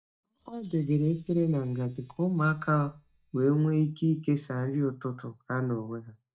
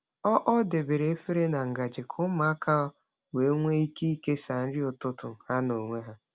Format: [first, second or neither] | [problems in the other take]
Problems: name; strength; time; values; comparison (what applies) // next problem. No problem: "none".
second | noise reduction (neural mask model DeepFilterNet 3)